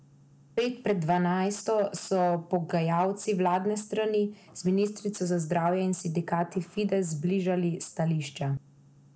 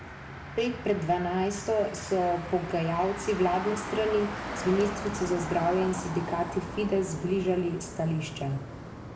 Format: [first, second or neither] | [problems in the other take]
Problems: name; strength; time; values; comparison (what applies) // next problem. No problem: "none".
first | background sound (Motor vehicle (road)); 9 dB below the speech // room echo; dies away in 1 s